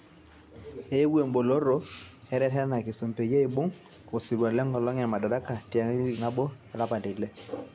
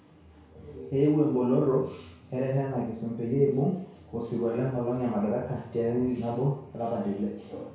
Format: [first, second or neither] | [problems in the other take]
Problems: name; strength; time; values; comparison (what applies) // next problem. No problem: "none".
first | room echo; dies away in 0.6 s